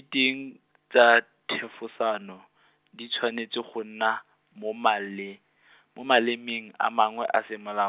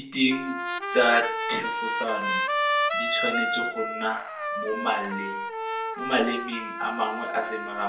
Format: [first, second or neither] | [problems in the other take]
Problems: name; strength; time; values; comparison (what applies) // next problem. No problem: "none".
first | background sound (Trumpet); 1 dB below the speech // room echo; dies away in 0.4 s